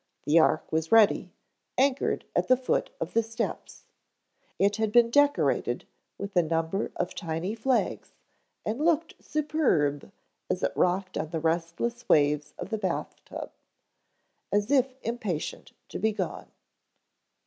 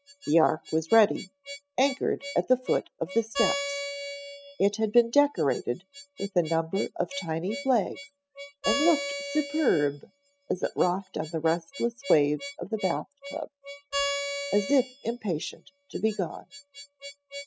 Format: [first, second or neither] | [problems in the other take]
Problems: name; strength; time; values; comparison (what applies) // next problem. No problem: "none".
first | noise reduction (classical method spectral subtraction)